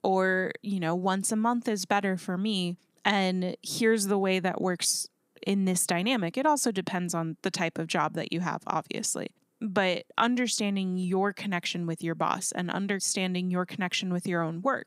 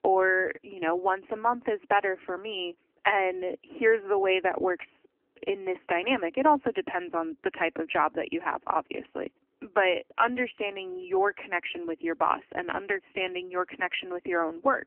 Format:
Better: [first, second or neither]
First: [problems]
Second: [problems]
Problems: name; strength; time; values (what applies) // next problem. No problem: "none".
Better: first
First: none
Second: phone-call audio; poor line; nothing above 3 kHz